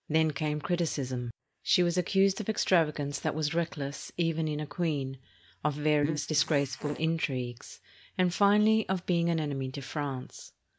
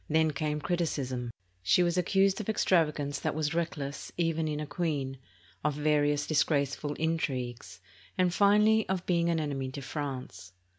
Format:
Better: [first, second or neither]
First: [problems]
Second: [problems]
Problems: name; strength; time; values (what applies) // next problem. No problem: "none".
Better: second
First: noise reduction (neural mask model Resemble Enhance denoiser)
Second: none